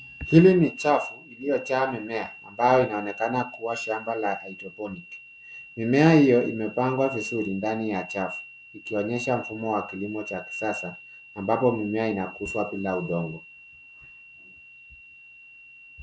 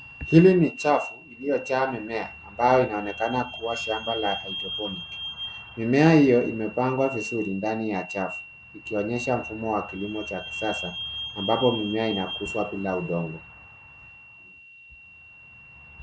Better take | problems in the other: first | background sound (Squeak / Vehicle); 15 dB below the speech

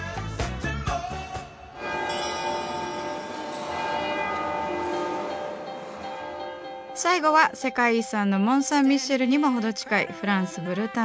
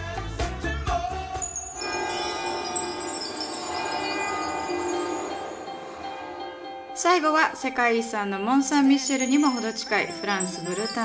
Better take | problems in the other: first | background sound (Chime); 13 dB below the speech // room echo; dies away in 1.3 s

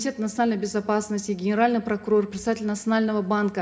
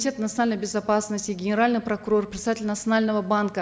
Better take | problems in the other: second | room echo; dies away in 0.3 s

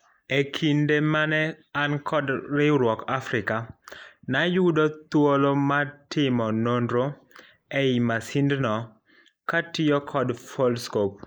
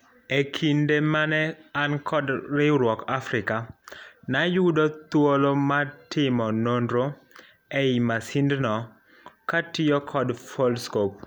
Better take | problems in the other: second | noise reduction (neural mask model Resemble Enhance denoiser)

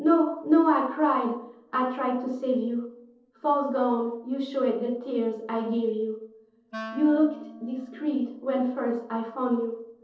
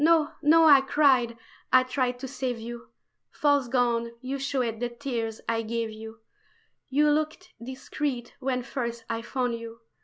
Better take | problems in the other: second | noise reduction (neural separator model SepFormer DNS4)

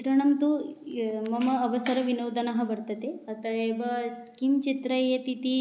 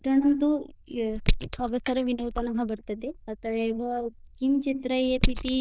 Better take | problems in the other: first | noise reduction (neural diffusion model UNIVERSE++)

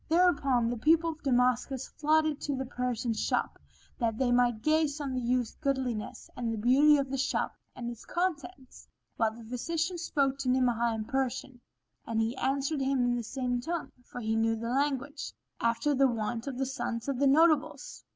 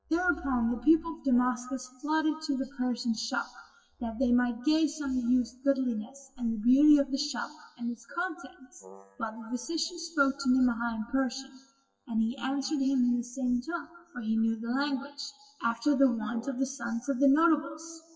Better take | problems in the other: first | noise reduction (classical method WPE with log-MMSE)

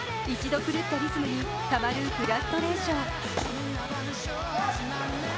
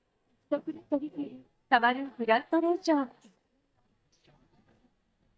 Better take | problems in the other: first | noise reduction (neural mask model DeepFilterNet 3)

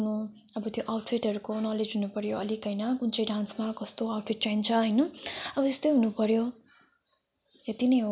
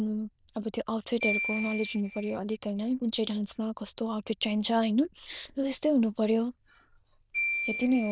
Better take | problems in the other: first | noise reduction (neural diffusion model UNIVERSE++)

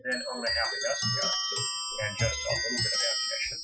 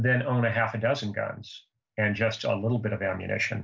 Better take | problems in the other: second | noise reduction (classical method Wiener filter)

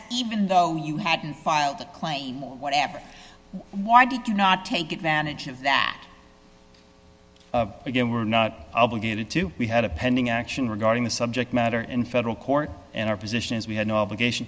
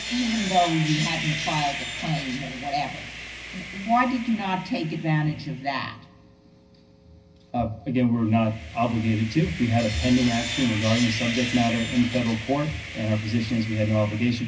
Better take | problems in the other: first | background sound (Sawing); 9 dB below the speech // room echo; dies away in 0.4 s

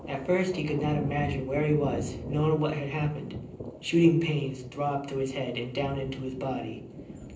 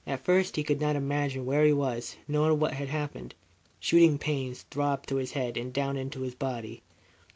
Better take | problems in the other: second | background sound (Thunder); 11 dB below the speech // room echo; dies away in 0.6 s

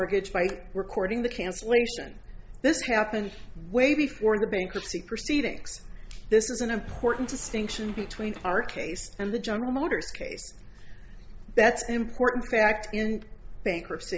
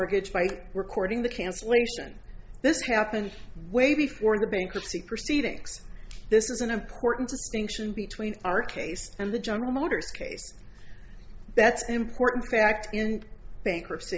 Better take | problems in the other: second | background sound (Sliding door); 18 dB below the speech

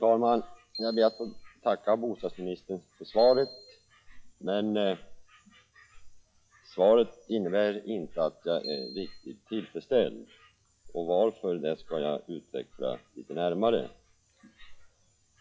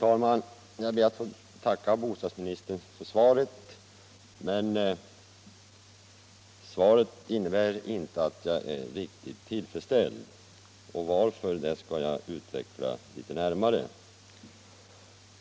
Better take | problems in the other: second | noise reduction (classical method log-MMSE)

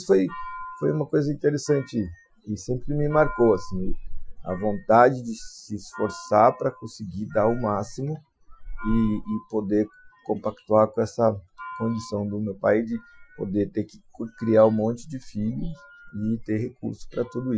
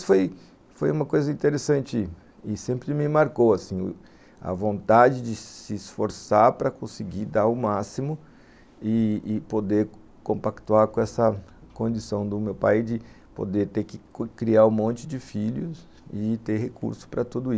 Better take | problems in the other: second | noise reduction (classical method Wiener filter)

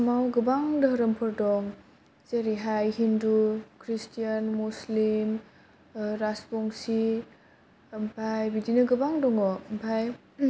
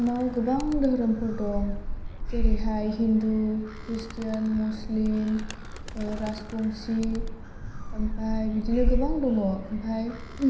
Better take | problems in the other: first | background sound (Animal); 3 dB below the speech // room echo; dies away in 0.9 s

